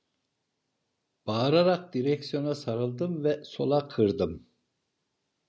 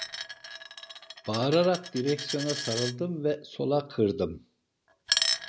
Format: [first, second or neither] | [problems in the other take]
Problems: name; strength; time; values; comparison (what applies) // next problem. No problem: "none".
first | background sound (Coin (dropping)); 5 dB below the speech